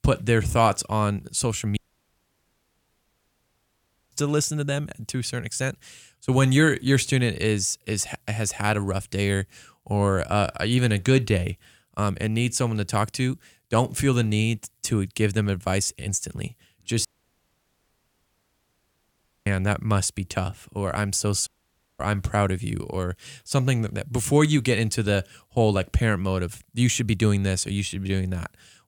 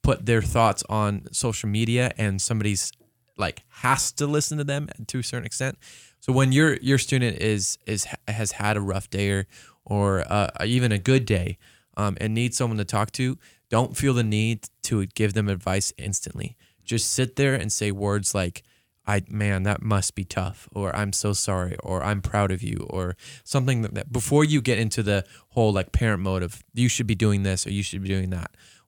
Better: second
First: audio cutting out; at 2 s for 2.5 s, at 17 s for 2.5 s and at 21 s for 0.5 s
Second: none

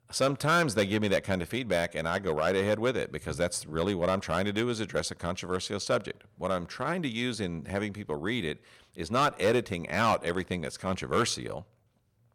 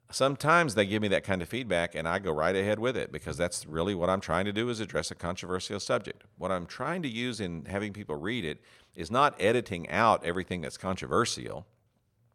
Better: second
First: distortion; slight; 2% of the sound clipped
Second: none

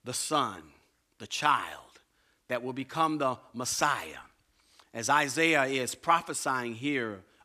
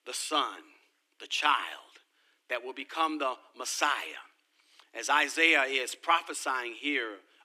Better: first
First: none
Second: thin; very slightly; fading below 300 Hz

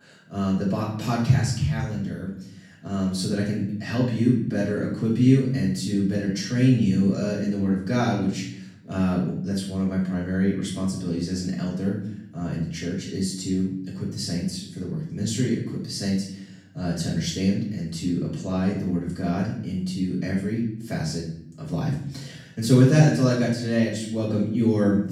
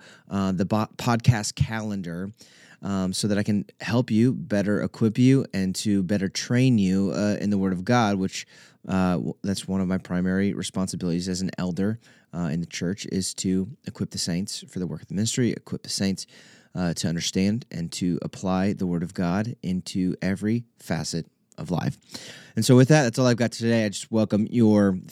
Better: second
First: off-mic speech; far // room echo; noticeable; dies away in 0.7 s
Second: none

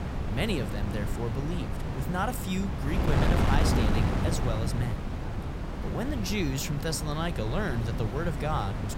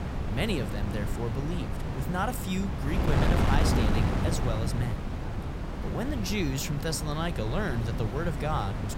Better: neither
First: wind noise on the microphone; heavy; 2 dB below the speech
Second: wind noise on the microphone; heavy; 2 dB below the speech

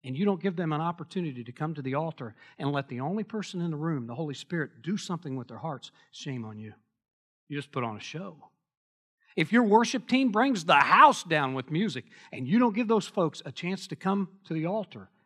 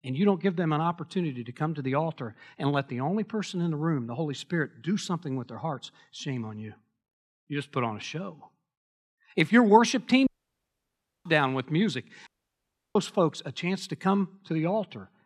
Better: first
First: none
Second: audio cutting out; at 10 s for 1 s and at 12 s for 0.5 s

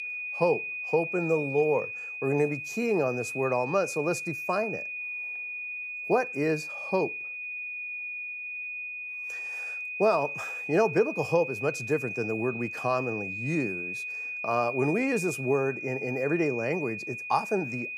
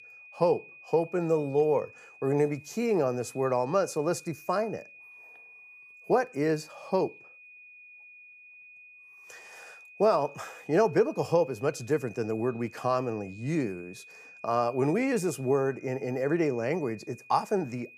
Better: second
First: high-pitched whine; loud; throughout; 2.5 kHz, 5 dB below the speech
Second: high-pitched whine; faint; throughout; 2.5 kHz, 20 dB below the speech

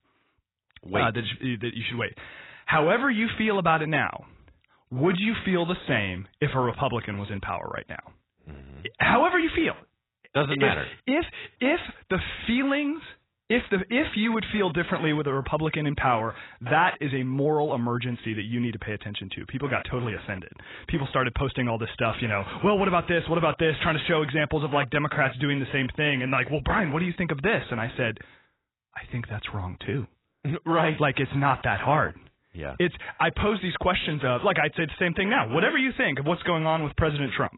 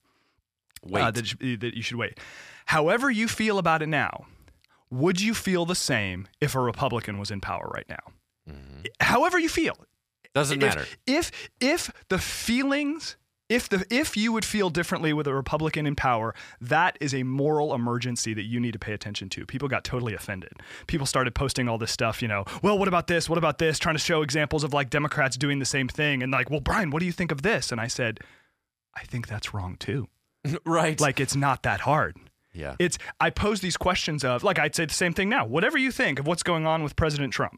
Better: second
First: garbled, watery; badly; nothing above 4 kHz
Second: none

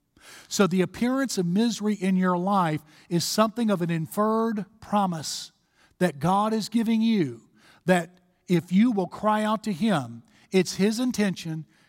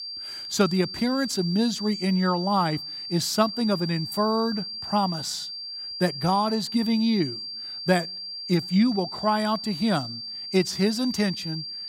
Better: first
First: none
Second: high-pitched whine; loud; throughout; 4.5 kHz, 7 dB below the speech

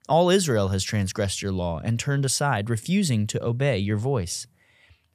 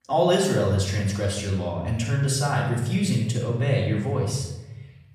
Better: first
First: none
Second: off-mic speech; far // room echo; noticeable; dies away in 0.9 s

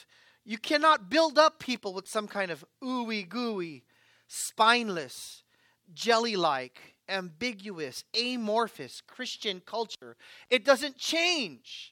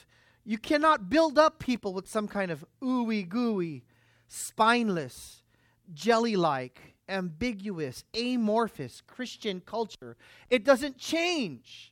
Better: second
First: thin; very slightly; fading below 500 Hz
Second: none

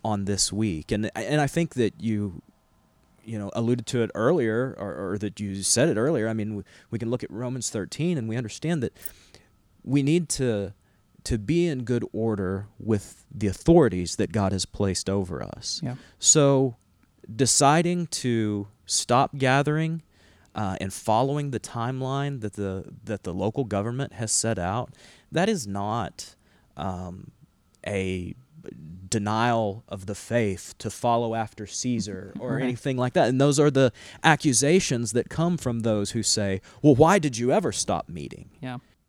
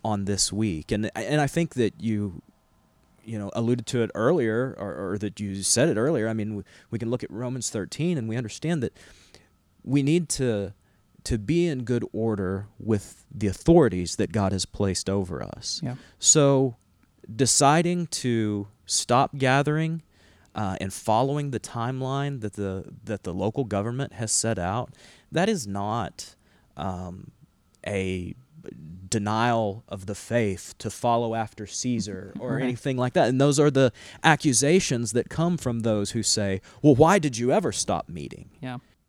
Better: second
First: jangling keys; faint; at 9 s; peak 15 dB below the speech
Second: none

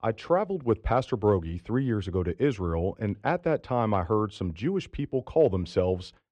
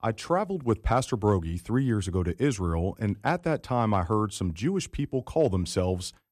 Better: second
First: muffled; slightly; fading above 3 kHz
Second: none

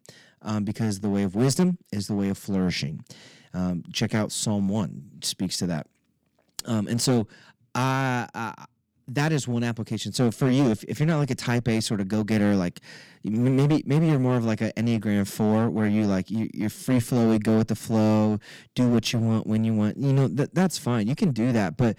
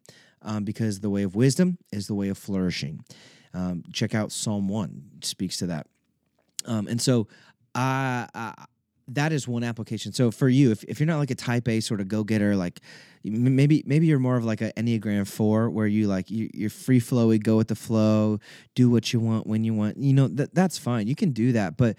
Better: second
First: distortion; slight; 9% of the sound clipped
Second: none

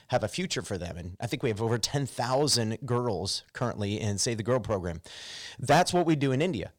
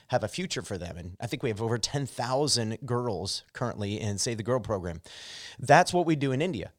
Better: second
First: distortion; slight; 1.7% of the sound clipped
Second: none

